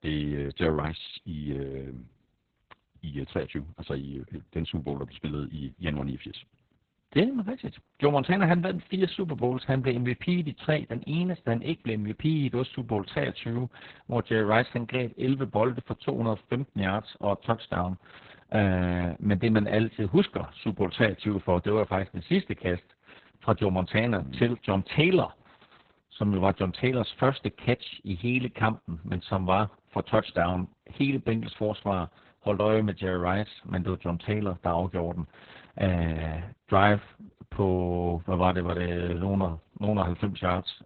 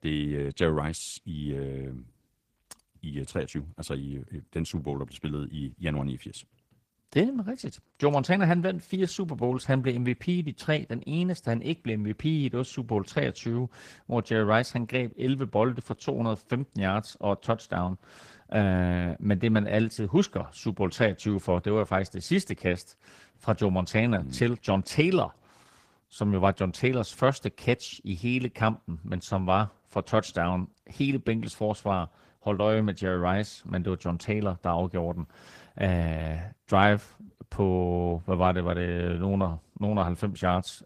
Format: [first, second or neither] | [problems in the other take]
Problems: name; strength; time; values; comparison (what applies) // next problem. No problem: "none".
second | garbled, watery; badly; nothing above 4 kHz; slightly in the second